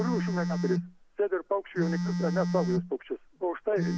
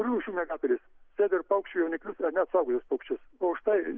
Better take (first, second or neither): second